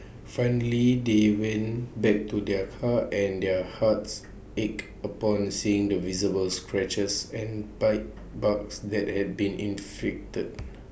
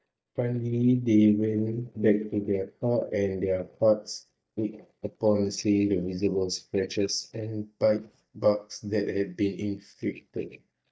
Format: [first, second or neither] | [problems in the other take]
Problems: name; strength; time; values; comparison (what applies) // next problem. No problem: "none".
first | noise reduction (neural mask model DeepFilterNet 3)